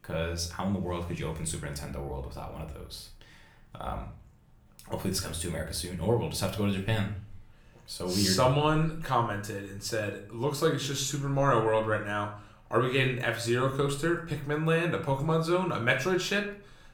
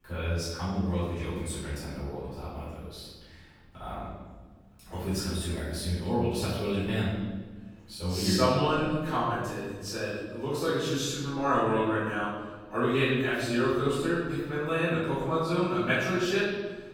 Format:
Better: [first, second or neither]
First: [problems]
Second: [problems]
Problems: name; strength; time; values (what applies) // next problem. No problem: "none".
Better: first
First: room echo; slight; dies away in 0.4 s // off-mic speech; somewhat distant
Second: room echo; strong; dies away in 1.3 s // off-mic speech; far